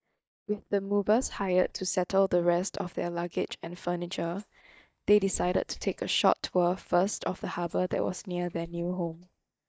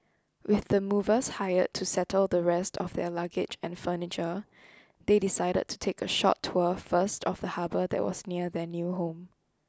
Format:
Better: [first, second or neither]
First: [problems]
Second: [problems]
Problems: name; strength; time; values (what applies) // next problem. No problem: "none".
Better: second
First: noise reduction (neural mask model DeepFilterNet 3)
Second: none